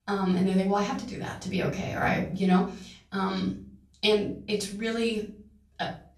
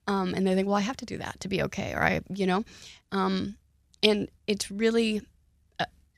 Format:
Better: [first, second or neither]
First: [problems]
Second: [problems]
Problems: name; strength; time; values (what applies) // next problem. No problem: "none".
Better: second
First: off-mic speech; far // room echo; slight; dies away in 0.4 s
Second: none